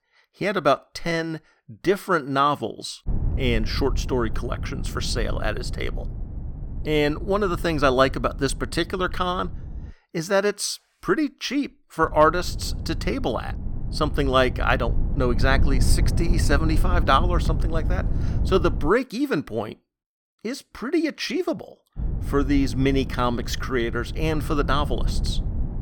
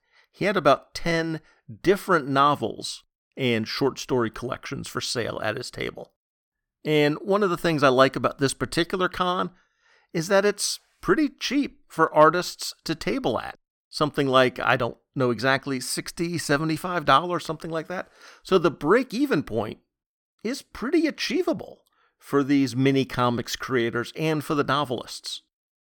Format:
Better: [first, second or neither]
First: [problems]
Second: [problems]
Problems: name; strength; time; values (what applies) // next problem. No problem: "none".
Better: second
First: low rumble; noticeable; from 3 to 10 s, from 12 to 19 s and from 22 s on; 15 dB below the speech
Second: none